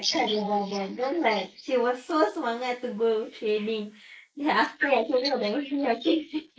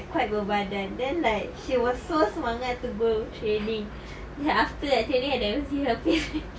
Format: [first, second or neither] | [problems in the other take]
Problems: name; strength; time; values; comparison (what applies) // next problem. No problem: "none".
second | noise reduction (neural mask model Resemble Enhance denoiser)